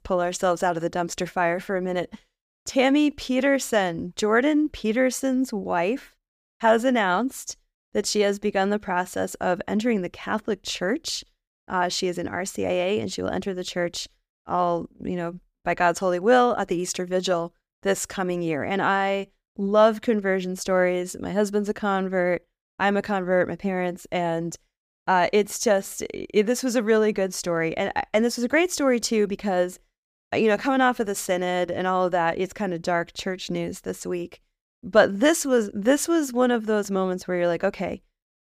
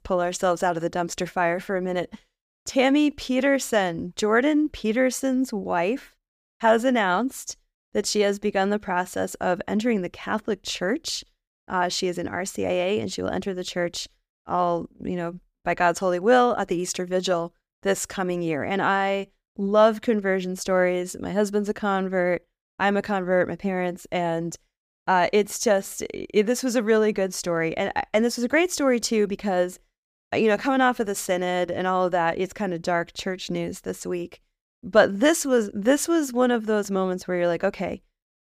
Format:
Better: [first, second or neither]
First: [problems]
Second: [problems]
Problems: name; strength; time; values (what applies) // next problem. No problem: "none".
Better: neither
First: none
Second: none